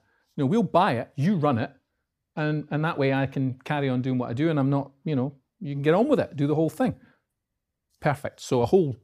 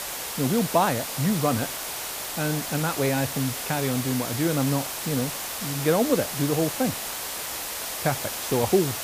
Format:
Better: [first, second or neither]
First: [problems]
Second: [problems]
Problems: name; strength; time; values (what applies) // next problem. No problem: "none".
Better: first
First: none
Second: hiss; loud; throughout; 4 dB below the speech